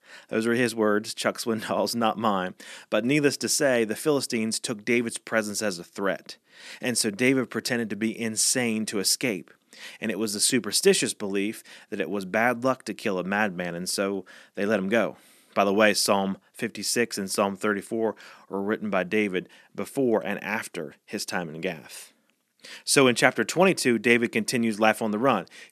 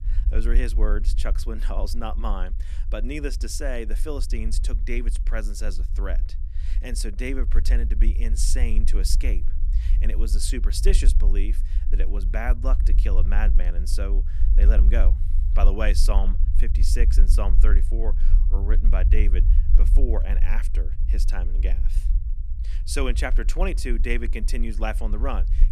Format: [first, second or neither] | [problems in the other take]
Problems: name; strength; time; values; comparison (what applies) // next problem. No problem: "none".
first | low rumble; noticeable; throughout; 15 dB below the speech